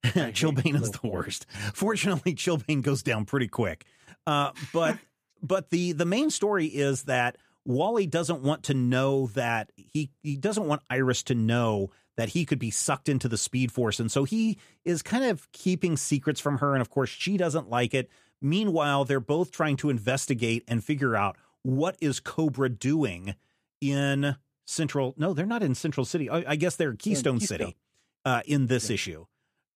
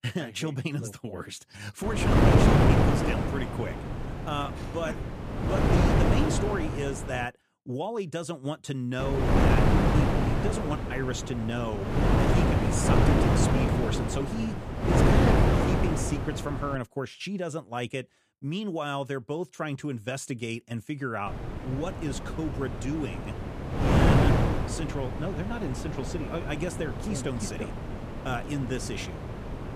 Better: first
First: none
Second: wind noise on the microphone; heavy; from 2 to 7.5 s, from 9 to 17 s and from 21 s on; 5 dB above the speech

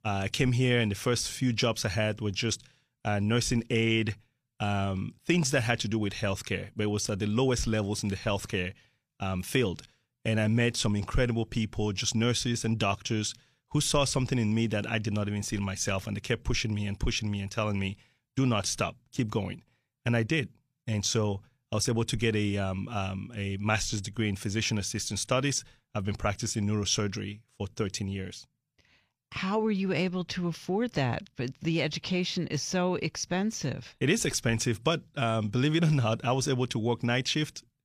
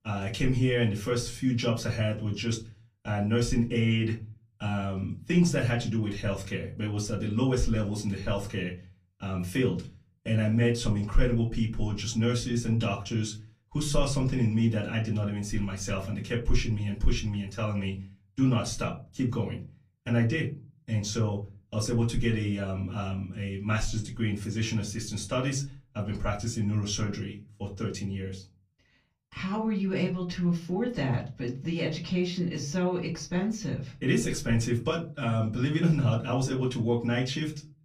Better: first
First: none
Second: off-mic speech; far // room echo; very slight; dies away in 0.4 s

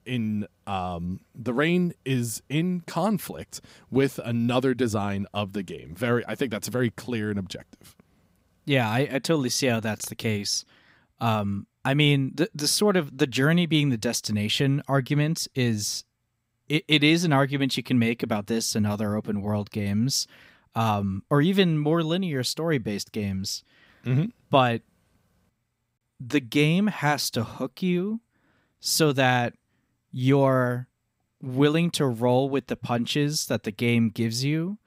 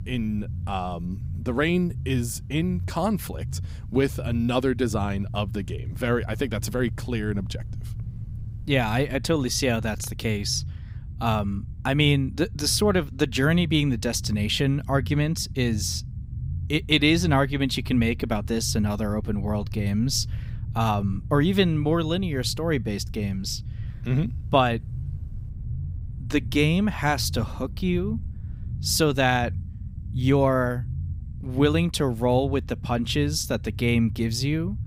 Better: first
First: none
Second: low rumble; faint; throughout; 20 dB below the speech

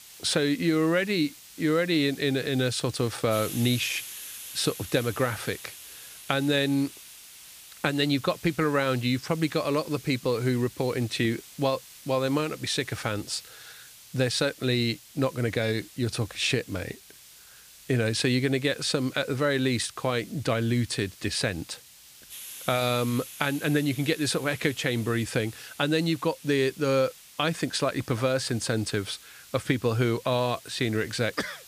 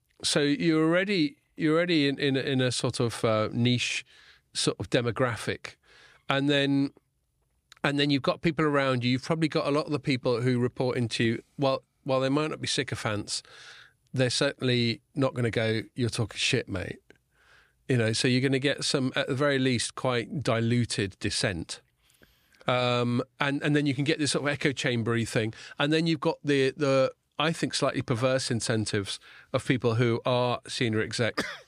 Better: second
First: hiss; noticeable; throughout; 15 dB below the speech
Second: none

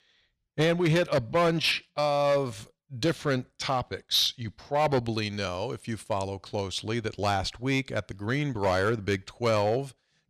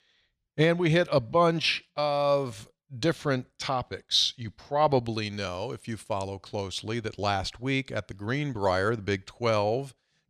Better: second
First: distortion; slight; 5% of the sound clipped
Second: none

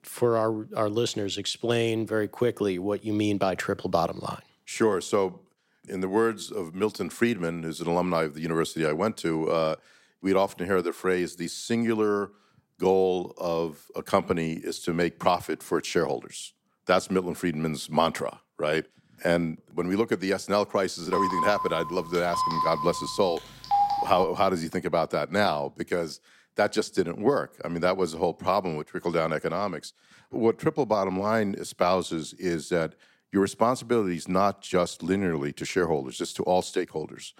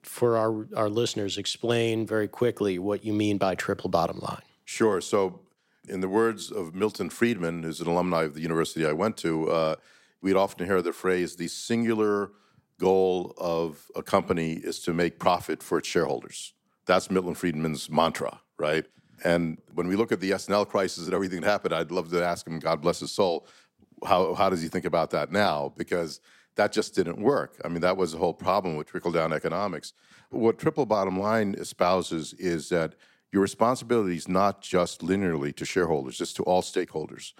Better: second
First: phone ringing; loud; from 21 to 24 s; peak 3 dB above the speech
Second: none

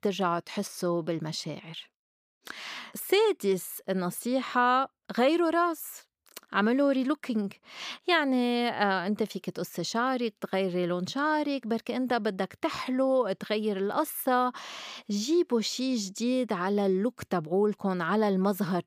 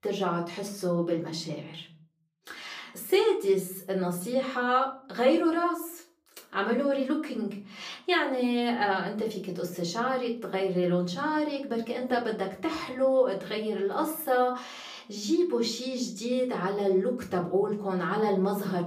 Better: first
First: none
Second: off-mic speech; far // room echo; slight; dies away in 0.4 s

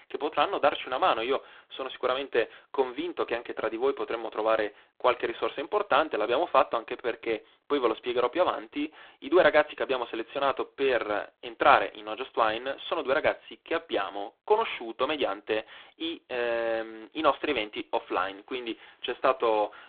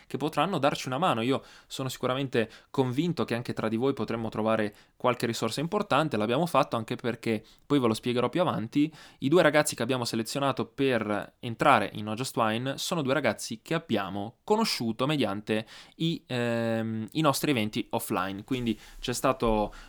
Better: second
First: phone-call audio; poor line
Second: none

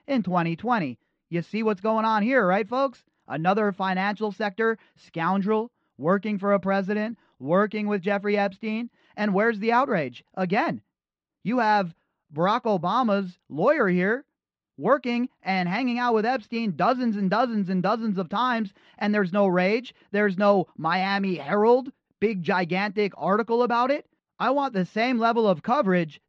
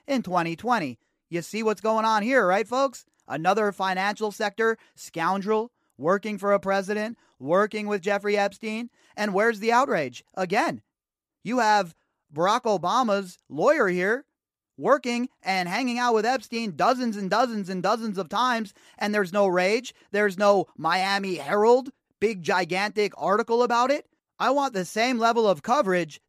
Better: second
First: muffled; very slightly; fading above 4 kHz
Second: none

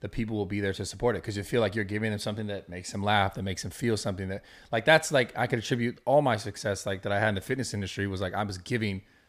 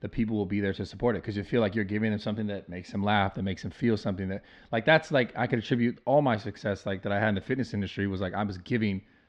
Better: first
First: none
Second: muffled; slightly; fading above 4 kHz

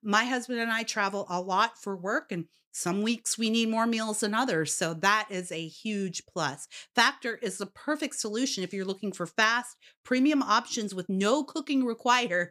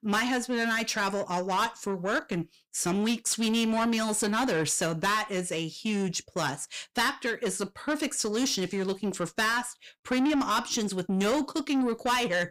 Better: first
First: none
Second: distortion; heavy; 7 dB below the speech

